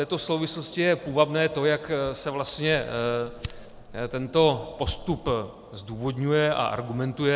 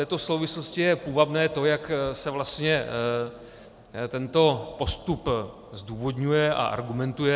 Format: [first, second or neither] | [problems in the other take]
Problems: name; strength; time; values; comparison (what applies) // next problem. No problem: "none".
second | background sound (Fire); 17 dB below the speech